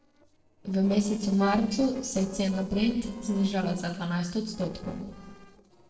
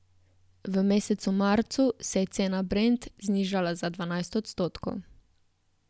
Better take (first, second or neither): second